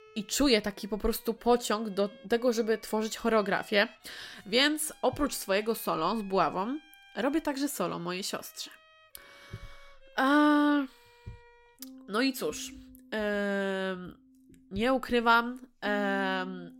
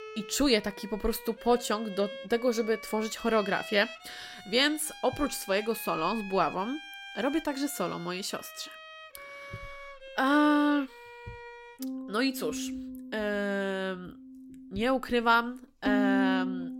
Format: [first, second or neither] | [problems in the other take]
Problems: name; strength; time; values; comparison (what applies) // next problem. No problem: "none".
first | background music; loud; throughout; 10 dB below the speech; faint in the first